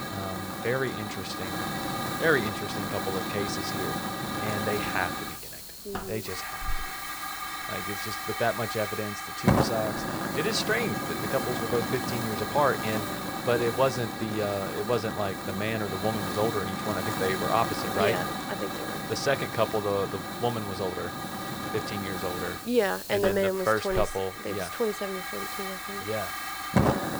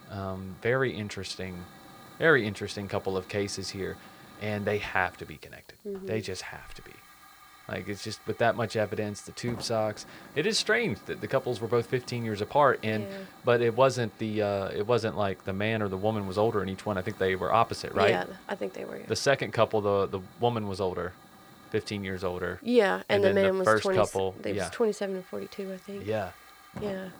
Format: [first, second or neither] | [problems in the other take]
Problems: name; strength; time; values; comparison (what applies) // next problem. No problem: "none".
second | hiss; loud; throughout; 2 dB below the speech; faint in the second